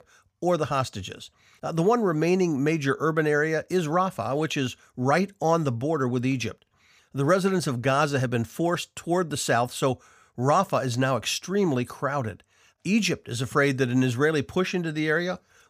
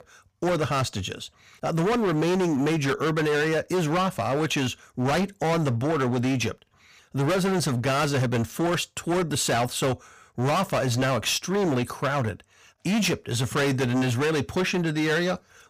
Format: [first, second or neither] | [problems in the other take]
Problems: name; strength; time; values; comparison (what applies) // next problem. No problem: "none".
first | distortion; heavy; 24% of the sound clipped